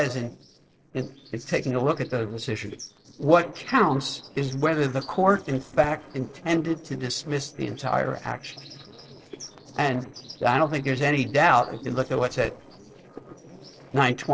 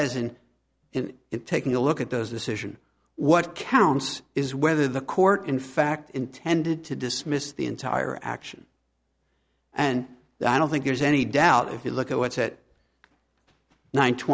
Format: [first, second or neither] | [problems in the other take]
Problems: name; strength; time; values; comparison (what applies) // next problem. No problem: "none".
second | noise reduction (neural separator model SepFormer DNS4)